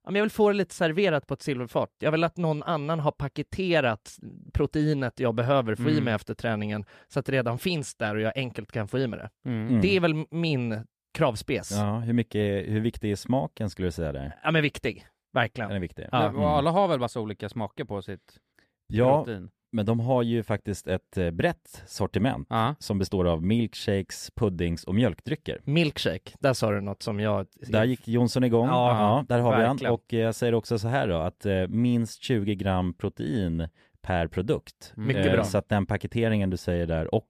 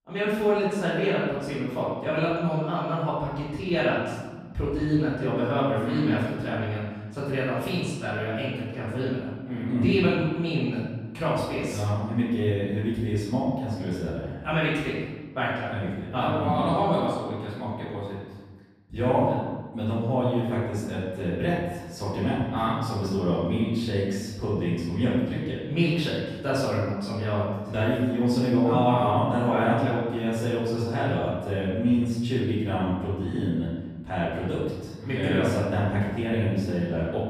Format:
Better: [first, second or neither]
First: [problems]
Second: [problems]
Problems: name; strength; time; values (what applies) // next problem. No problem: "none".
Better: first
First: none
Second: room echo; strong; dies away in 1.2 s // off-mic speech; far